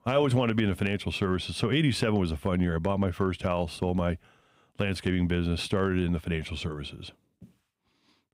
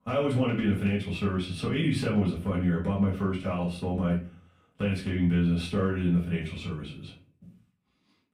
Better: first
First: none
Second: off-mic speech; far // room echo; slight; dies away in 0.3 s

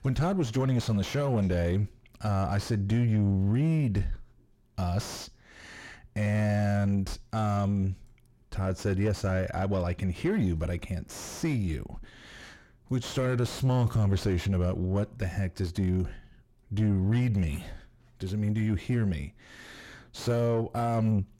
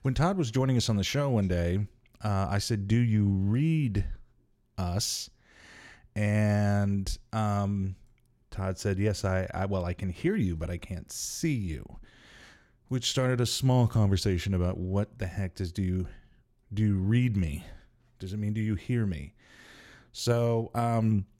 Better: second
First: distortion; slight; 9 dB below the speech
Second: none

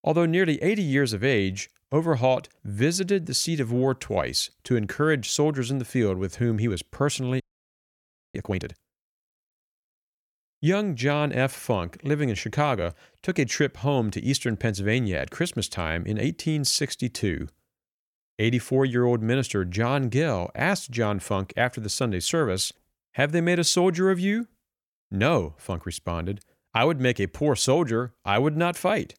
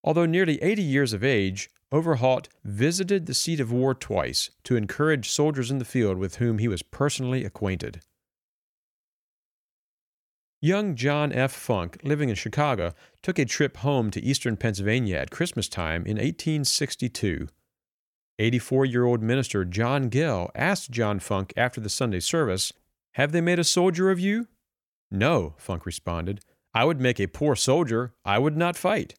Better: second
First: audio freezing; at 7.5 s for 1 s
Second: none

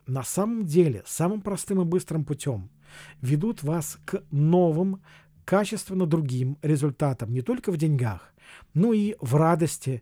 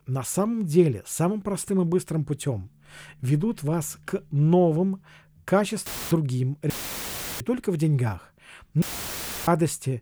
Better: first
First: none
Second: audio cutting out; filled with static; at 6 s, at 6.5 s for 0.5 s and at 9 s for 0.5 s

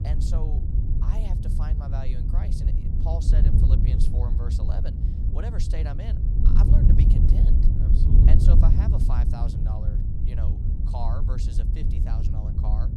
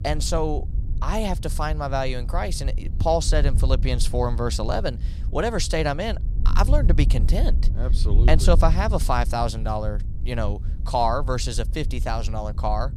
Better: second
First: wind noise on the microphone; heavy; 2 dB above the speech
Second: wind noise on the microphone; occasional gusts; 15 dB below the speech

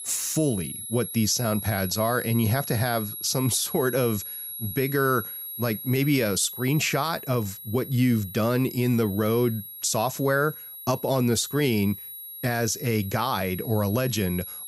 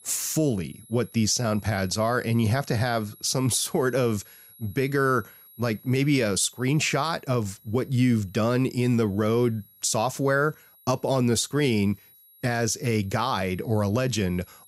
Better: second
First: high-pitched whine; loud; throughout; 11.5 kHz, 9 dB below the speech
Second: high-pitched whine; faint; throughout; 11.5 kHz, 25 dB below the speech

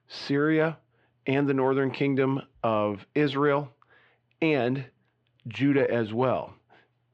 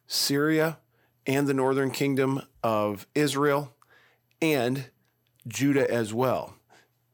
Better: second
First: muffled; slightly; fading above 3 kHz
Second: none

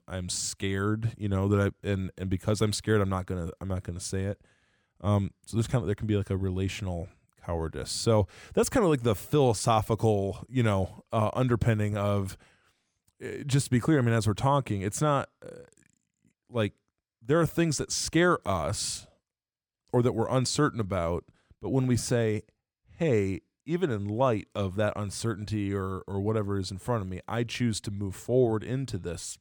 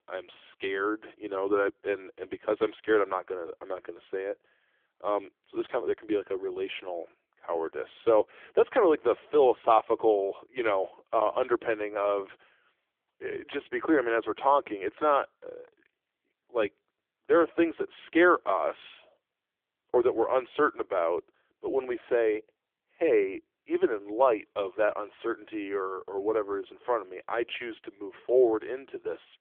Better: first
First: none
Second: phone-call audio; poor line; nothing above 3.5 kHz

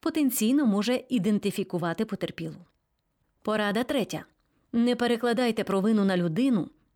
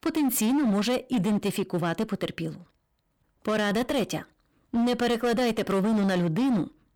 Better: first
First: none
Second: distortion; slight; 18% of the sound clipped

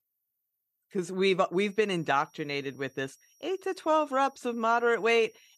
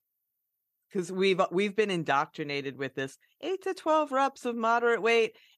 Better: second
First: high-pitched whine; faint; from 1.5 s on; 5.5 kHz, 35 dB below the speech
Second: none

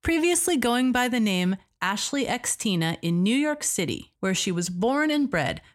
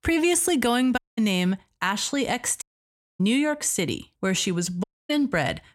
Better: first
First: none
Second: audio cutting out; at 1 s, at 2.5 s for 0.5 s and at 5 s

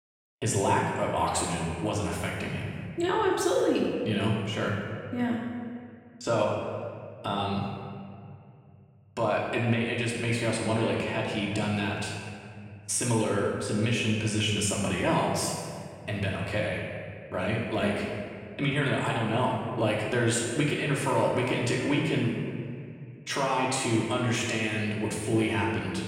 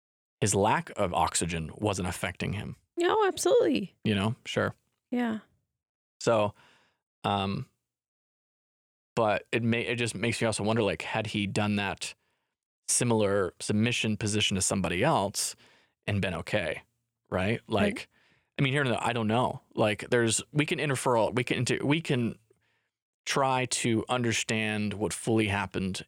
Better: second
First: room echo; noticeable; dies away in 1.8 s // off-mic speech; far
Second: none

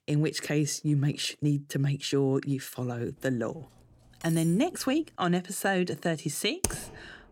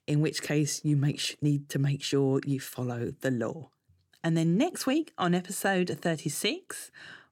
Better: second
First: clattering dishes; faint; from 3 to 5 s; peak 10 dB below the speech // keyboard typing; noticeable; at 6.5 s; peak 3 dB below the speech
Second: none

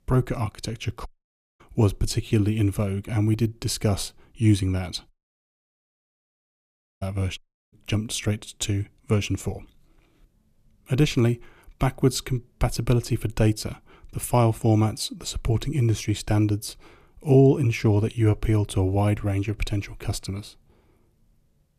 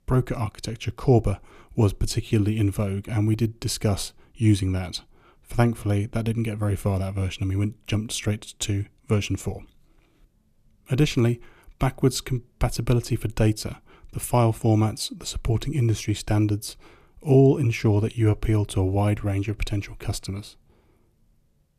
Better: second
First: audio cutting out; at 1 s for 0.5 s, at 5 s for 2 s and at 7.5 s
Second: none

